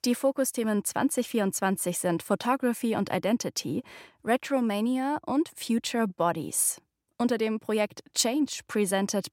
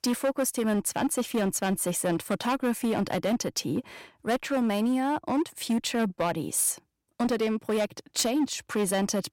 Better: first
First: none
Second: distortion; slight; 11% of the sound clipped

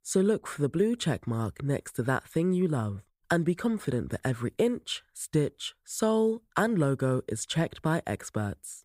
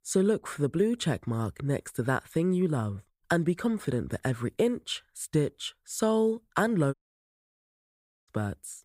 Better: first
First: none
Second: audio cutting out; at 7 s for 1.5 s

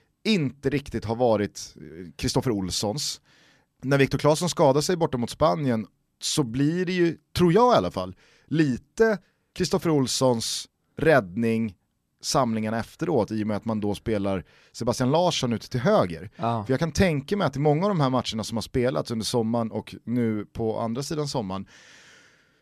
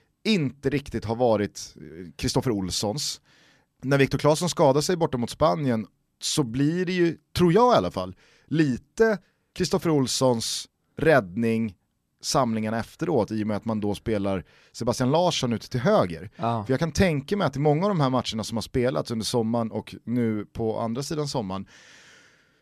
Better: neither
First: none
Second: none

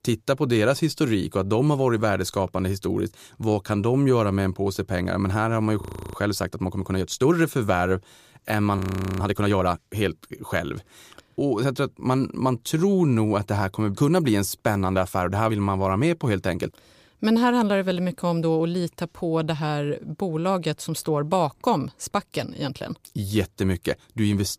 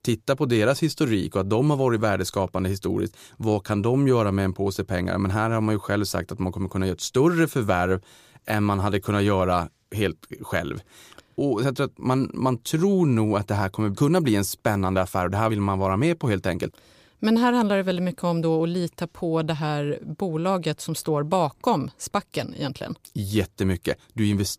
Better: second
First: audio freezing; at 6 s and at 9 s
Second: none

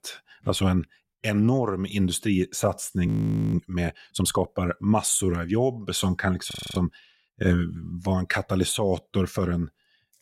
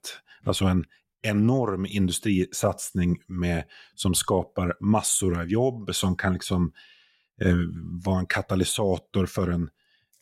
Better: second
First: audio freezing; at 3 s and at 6.5 s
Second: none

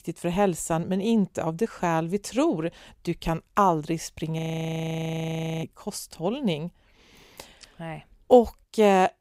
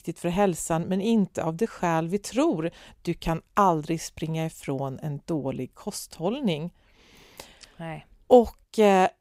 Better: second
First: audio freezing; at 4.5 s for 1 s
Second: none

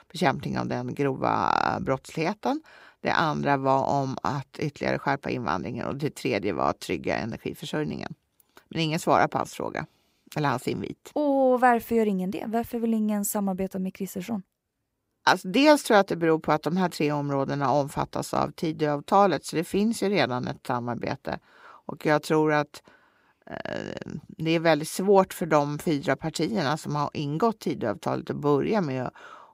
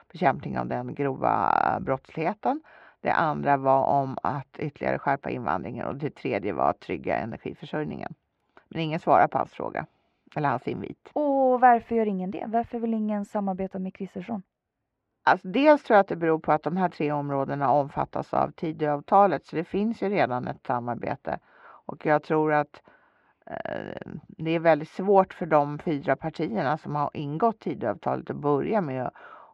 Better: first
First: none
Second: muffled; very; fading above 2 kHz

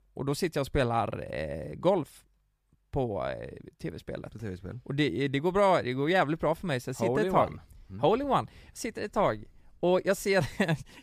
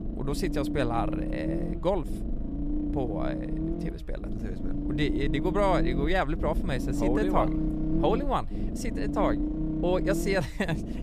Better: first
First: none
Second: low rumble; loud; throughout; 7 dB below the speech

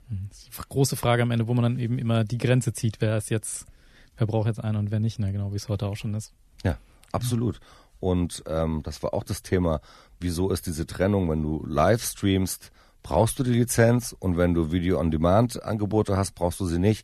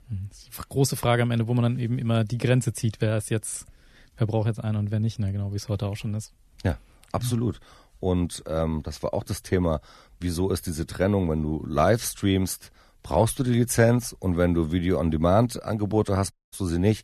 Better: first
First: none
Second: audio cutting out; at 16 s

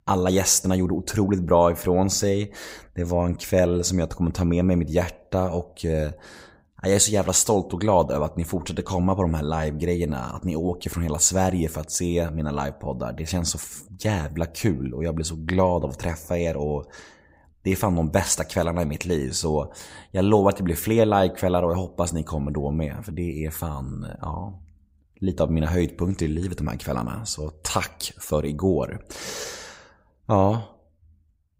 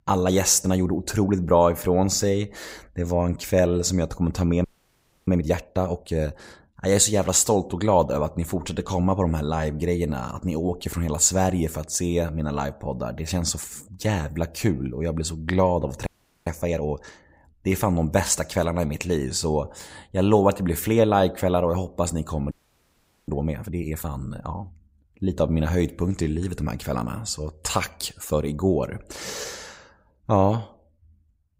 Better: first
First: none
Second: audio freezing; at 4.5 s for 0.5 s, at 16 s and at 23 s for 1 s

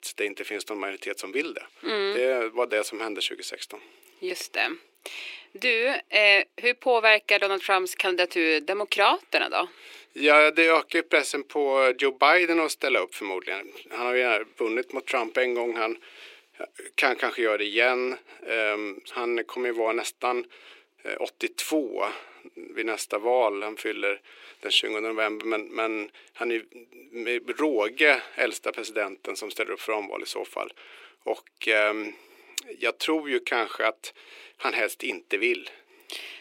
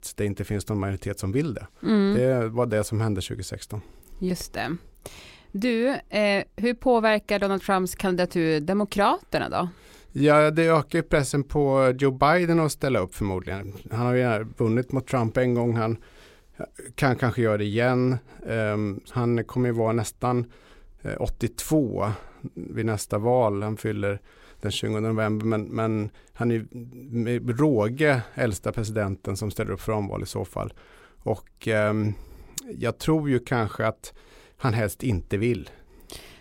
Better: second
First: thin; very; fading below 350 Hz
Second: none

